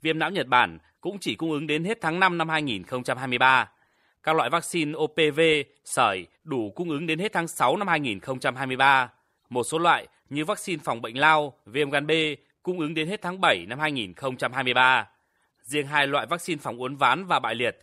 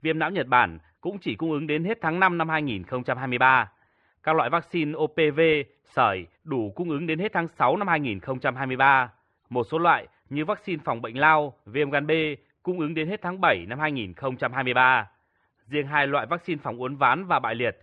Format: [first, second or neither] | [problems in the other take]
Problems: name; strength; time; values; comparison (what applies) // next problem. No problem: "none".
first | muffled; very; fading above 2.5 kHz